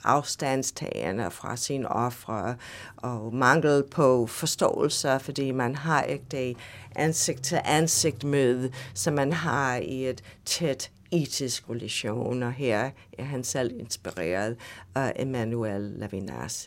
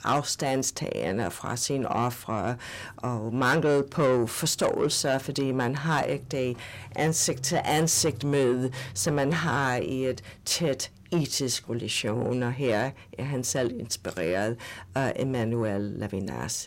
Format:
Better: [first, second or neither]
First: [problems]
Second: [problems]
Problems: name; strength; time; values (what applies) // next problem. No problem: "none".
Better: first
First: none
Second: distortion; slight; 10 dB below the speech